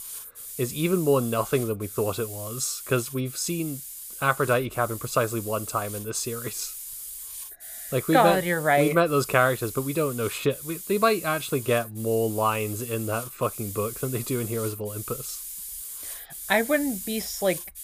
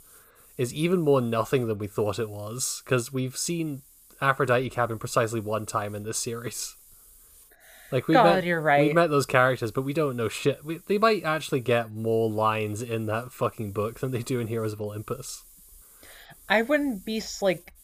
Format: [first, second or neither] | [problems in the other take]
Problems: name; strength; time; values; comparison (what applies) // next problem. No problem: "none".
second | hiss; loud; throughout; 10 dB below the speech; faint in the second